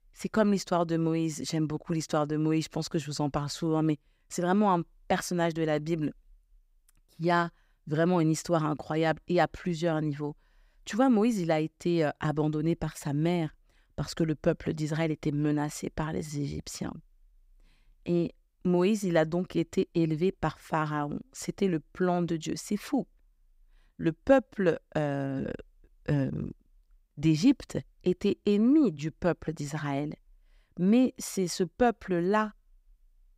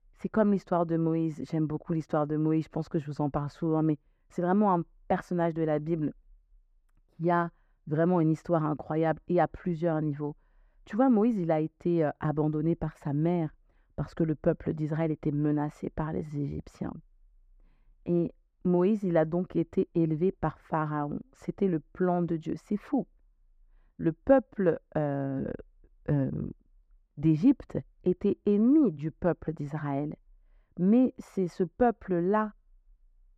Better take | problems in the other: first | muffled; very; fading above 2.5 kHz

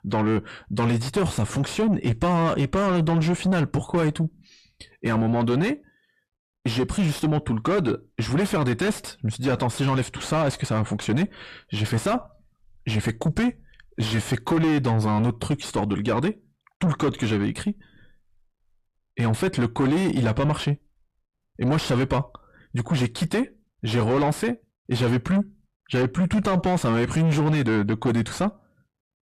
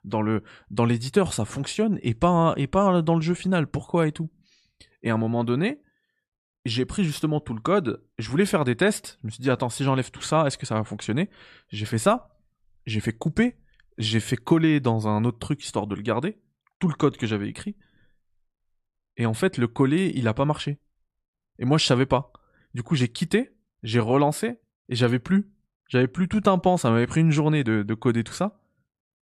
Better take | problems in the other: second | distortion; heavy; 5 dB below the speech

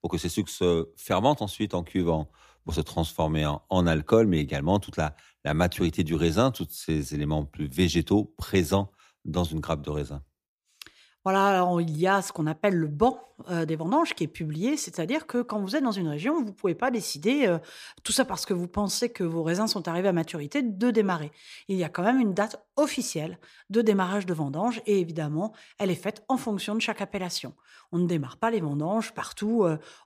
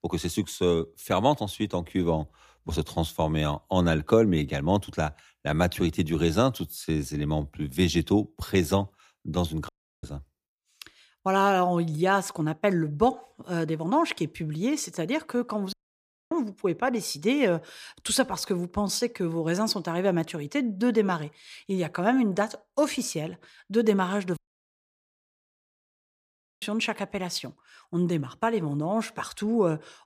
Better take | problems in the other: first | audio cutting out; at 9.5 s, at 16 s for 0.5 s and at 24 s for 2.5 s

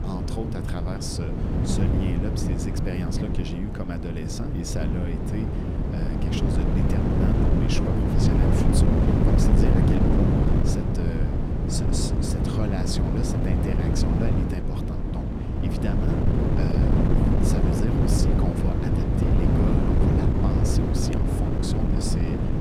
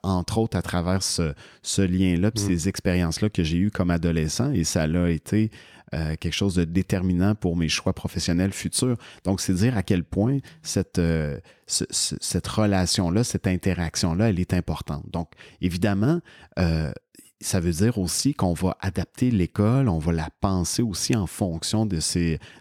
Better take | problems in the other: second | wind noise on the microphone; heavy; 5 dB above the speech

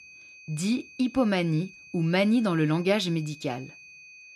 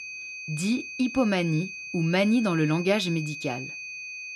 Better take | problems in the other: first | high-pitched whine; loud; throughout; 2.5 kHz, 9 dB below the speech; faint in the first

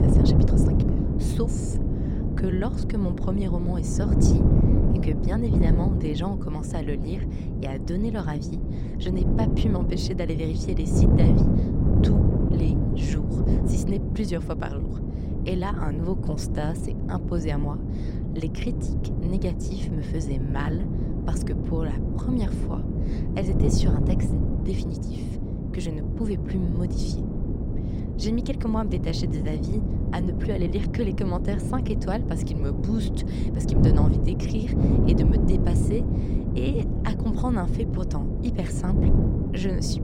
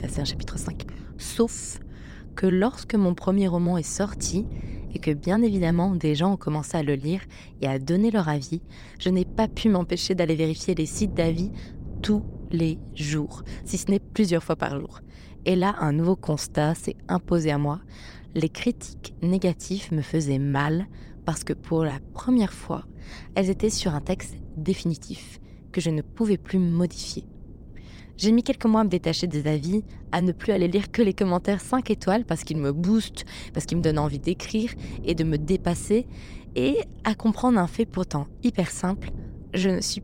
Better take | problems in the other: second | wind noise on the microphone; heavy; 1 dB above the speech; occasional gusts in the second

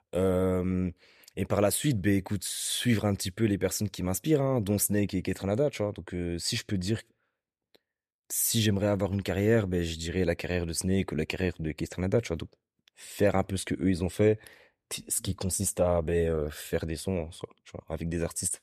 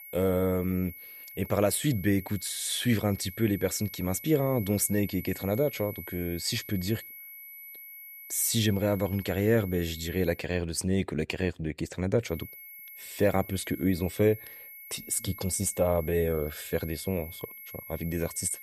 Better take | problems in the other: first | high-pitched whine; noticeable; until 10 s and from 12 s on; 2 kHz, 15 dB below the speech

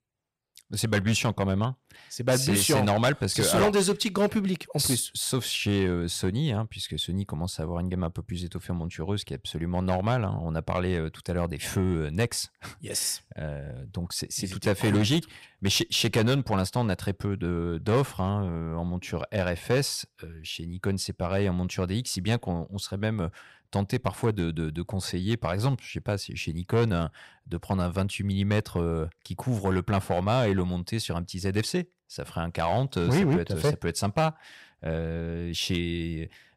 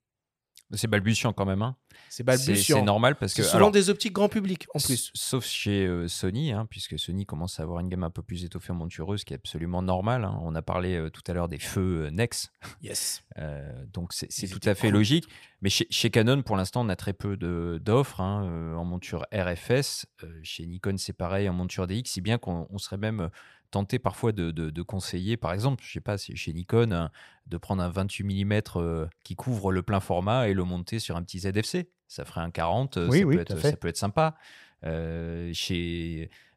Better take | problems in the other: second | distortion; slight; 3% of the sound clipped

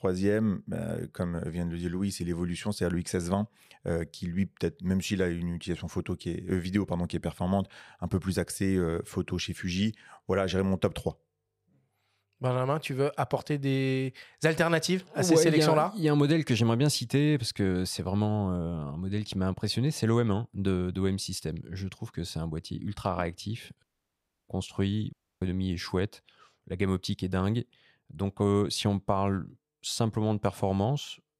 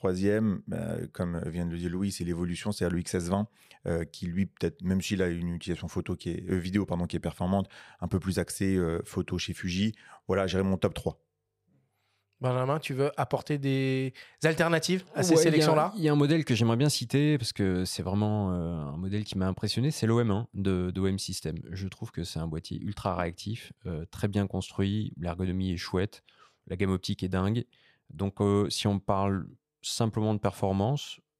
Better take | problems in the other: second | audio cutting out; at 24 s for 0.5 s and at 25 s

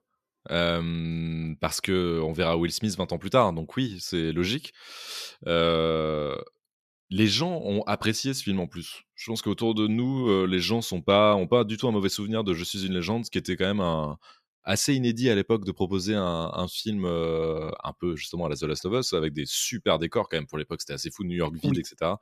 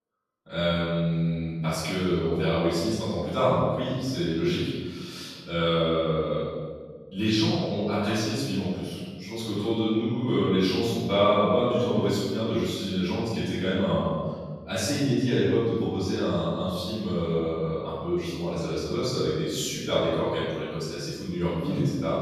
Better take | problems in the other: first | room echo; strong; dies away in 1.6 s // off-mic speech; far

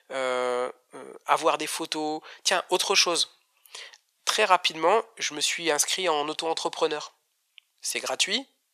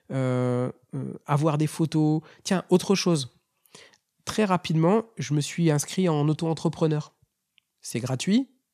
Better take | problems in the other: second | thin; very; fading below 550 Hz

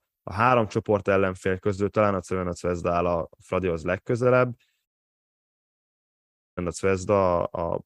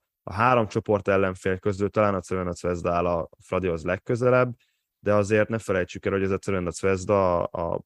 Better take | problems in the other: second | audio cutting out; at 5 s for 1.5 s

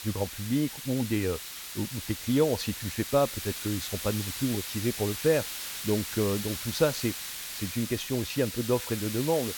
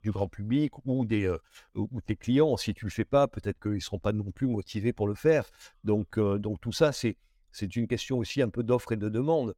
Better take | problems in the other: second | hiss; loud; throughout; 6 dB below the speech

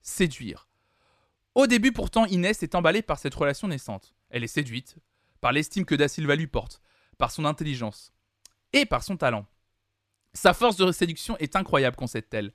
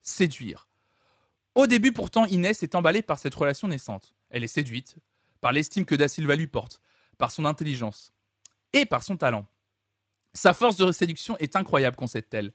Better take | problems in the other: first | garbled, watery; slightly; nothing above 7.5 kHz

